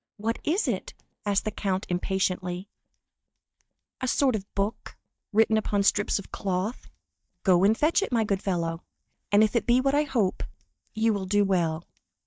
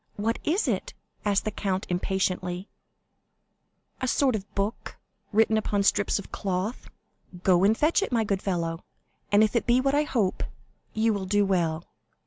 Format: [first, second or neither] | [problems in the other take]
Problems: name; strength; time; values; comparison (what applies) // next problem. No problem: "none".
second | noise reduction (neural mask model DeepFilterNet 3)